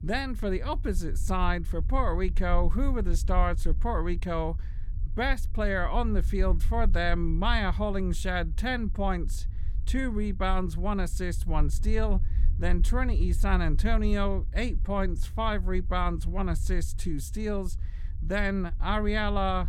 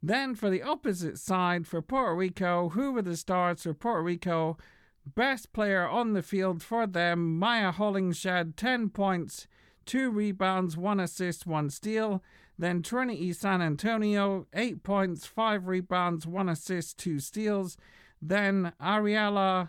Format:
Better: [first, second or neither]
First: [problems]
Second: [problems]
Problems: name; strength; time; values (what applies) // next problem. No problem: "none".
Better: second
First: low rumble; faint; throughout; 20 dB below the speech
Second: none